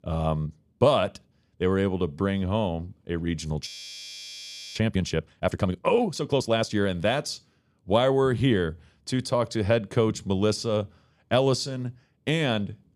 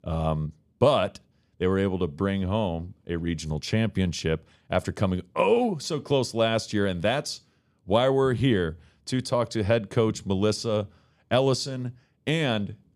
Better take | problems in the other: second | audio freezing; at 3.5 s for 1 s

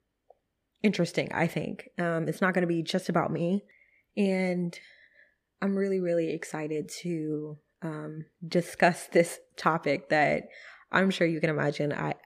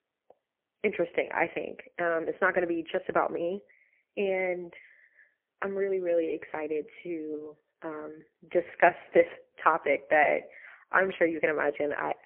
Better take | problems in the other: first | phone-call audio; poor line

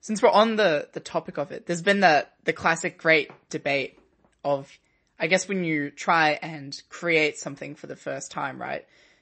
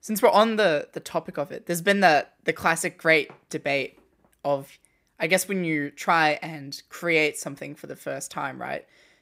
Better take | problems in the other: second | garbled, watery; slightly; nothing above 8 kHz

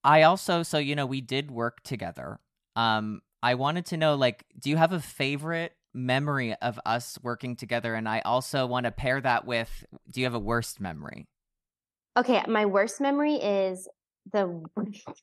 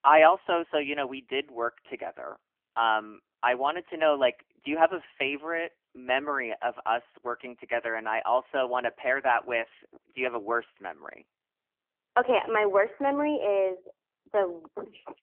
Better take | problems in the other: first | phone-call audio; poor line; nothing above 3 kHz

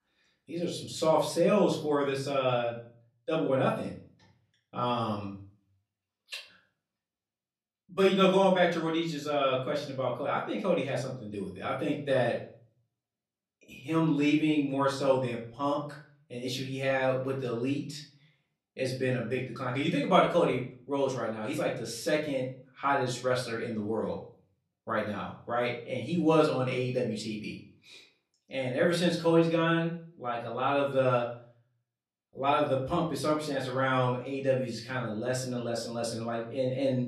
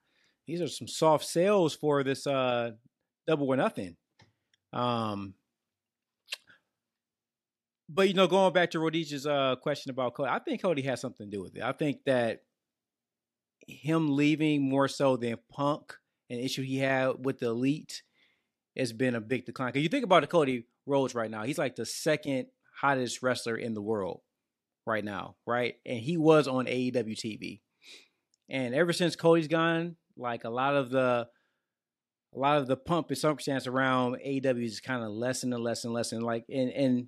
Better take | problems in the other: second | off-mic speech; far // room echo; slight; dies away in 0.4 s

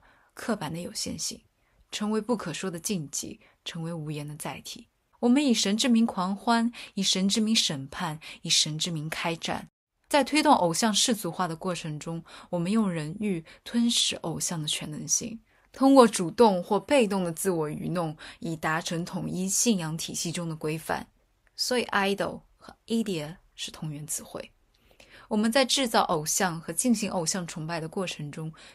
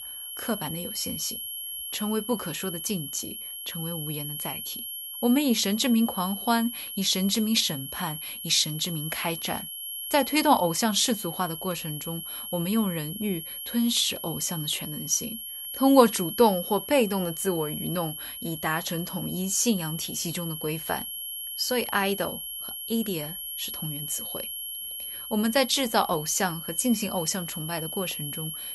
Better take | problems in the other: first | high-pitched whine; loud; throughout; 11.5 kHz, 7 dB below the speech

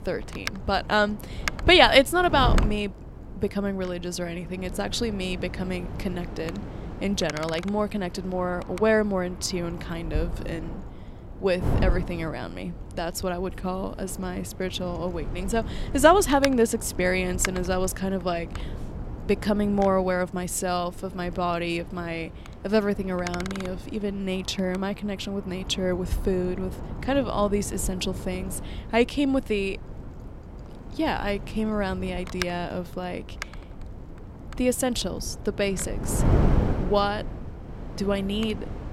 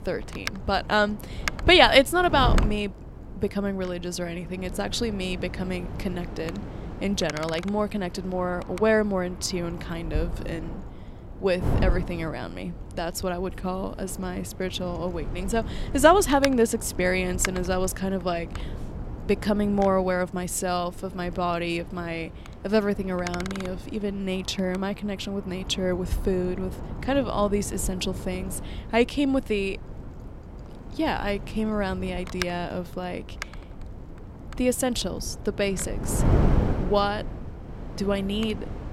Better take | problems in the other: neither | wind noise on the microphone; occasional gusts; 15 dB below the speech; the same in both

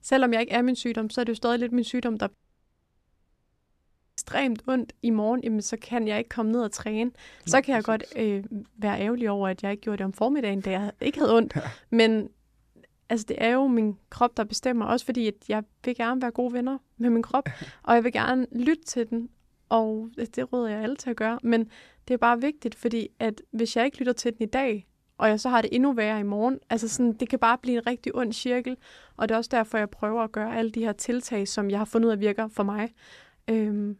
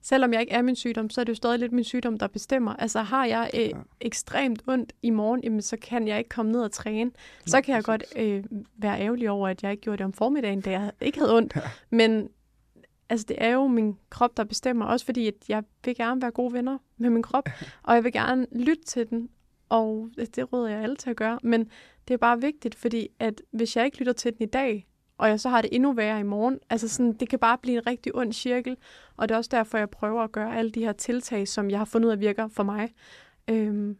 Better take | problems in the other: second | audio cutting out; at 2.5 s for 2 s

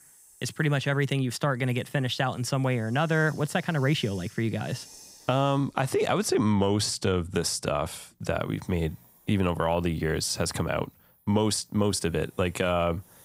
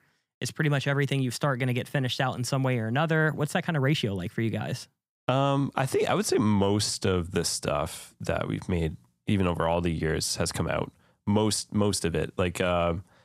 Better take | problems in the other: second | hiss; faint; throughout; 25 dB below the speech

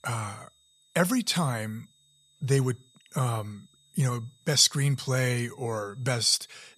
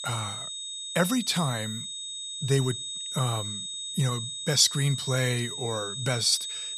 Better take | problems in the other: first | high-pitched whine; loud; throughout; 3.5 kHz, 6 dB below the speech; faint in the first

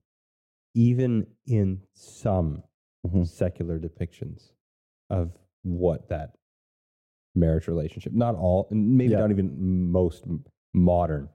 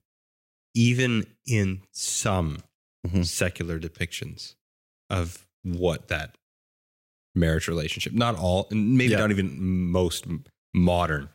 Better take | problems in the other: second | muffled; very; fading above 1 kHz

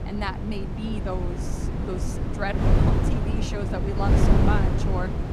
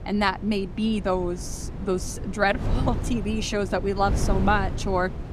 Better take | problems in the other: second | wind noise on the microphone; heavy; 1 dB above the speech; occasional gusts in the second

